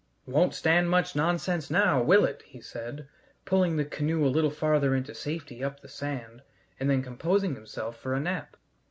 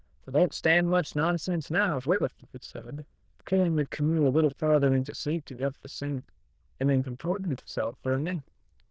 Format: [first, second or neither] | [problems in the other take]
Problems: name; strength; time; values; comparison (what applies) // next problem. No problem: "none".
first | noise reduction (neural diffusion model UNIVERSE++)